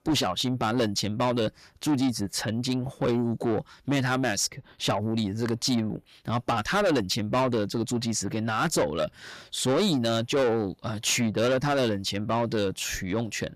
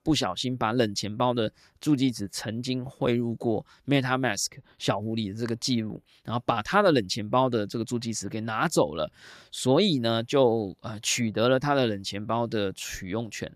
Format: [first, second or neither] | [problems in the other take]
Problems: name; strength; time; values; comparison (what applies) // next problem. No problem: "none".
second | distortion; heavy; 8 dB below the speech